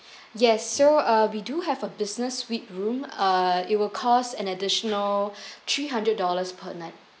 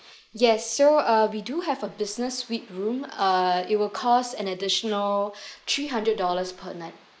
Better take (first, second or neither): first